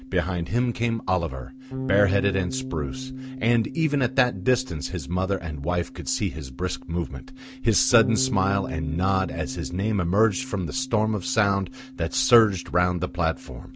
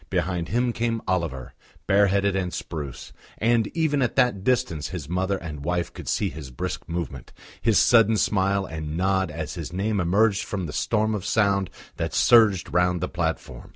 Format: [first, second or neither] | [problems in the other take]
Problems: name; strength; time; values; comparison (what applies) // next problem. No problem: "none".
second | background sound (Bass guitar); 11 dB below the speech